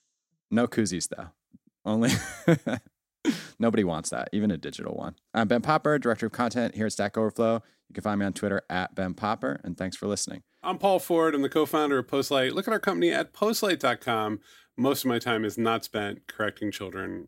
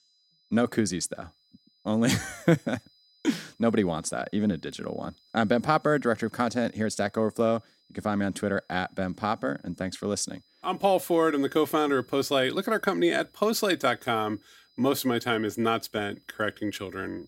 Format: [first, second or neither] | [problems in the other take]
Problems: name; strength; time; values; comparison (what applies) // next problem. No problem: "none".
first | high-pitched whine; faint; throughout; 5 kHz, 35 dB below the speech